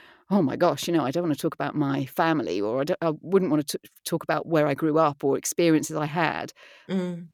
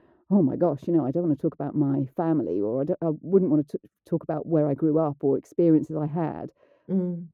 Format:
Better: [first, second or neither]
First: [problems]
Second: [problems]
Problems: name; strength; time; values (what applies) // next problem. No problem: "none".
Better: first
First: none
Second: muffled; very; fading above 1 kHz